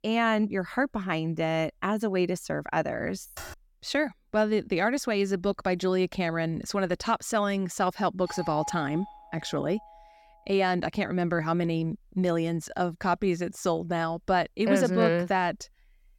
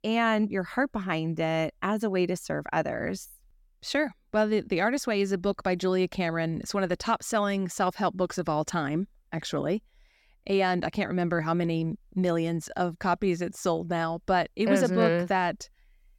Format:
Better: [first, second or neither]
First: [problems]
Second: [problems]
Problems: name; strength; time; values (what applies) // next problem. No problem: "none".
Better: second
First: keyboard typing; faint; at 3.5 s; peak 15 dB below the speech // doorbell; noticeable; from 8.5 to 10 s; peak 9 dB below the speech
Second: none